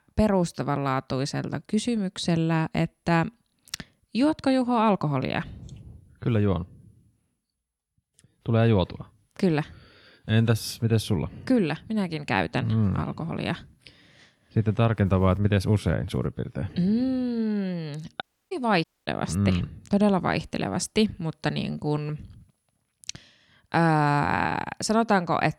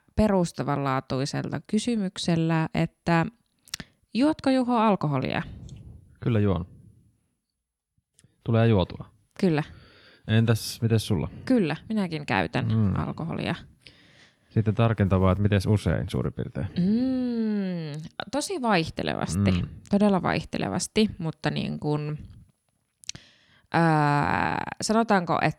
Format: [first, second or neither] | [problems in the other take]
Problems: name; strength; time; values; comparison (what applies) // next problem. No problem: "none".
second | audio cutting out; at 18 s and at 19 s